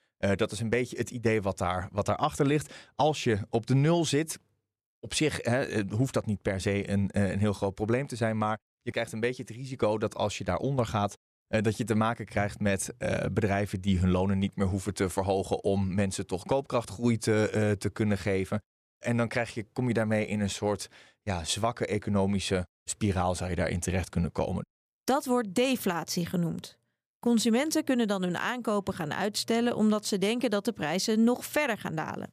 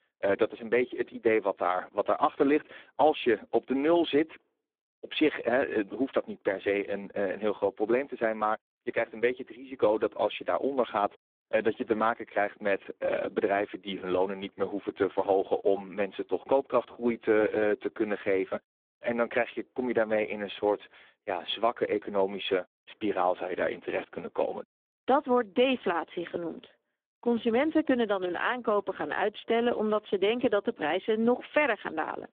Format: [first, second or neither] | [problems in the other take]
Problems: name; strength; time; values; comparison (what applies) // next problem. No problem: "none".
first | phone-call audio; poor line; nothing above 3.5 kHz